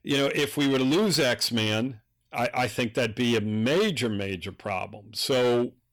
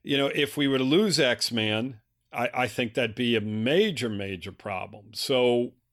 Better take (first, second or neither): second